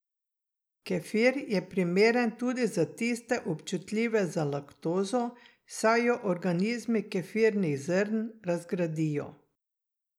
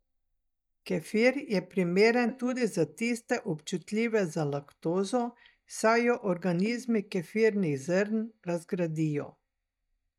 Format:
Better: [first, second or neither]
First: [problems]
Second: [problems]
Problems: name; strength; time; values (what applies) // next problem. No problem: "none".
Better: first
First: none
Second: noise reduction (neural mask model DeepFilterNet 3)